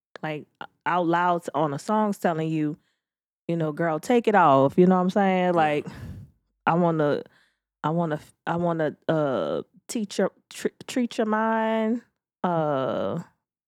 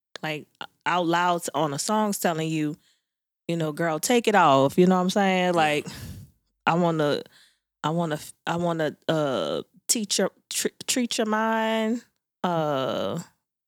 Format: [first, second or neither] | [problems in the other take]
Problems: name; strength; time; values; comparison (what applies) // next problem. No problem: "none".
second | muffled; slightly; fading above 2.5 kHz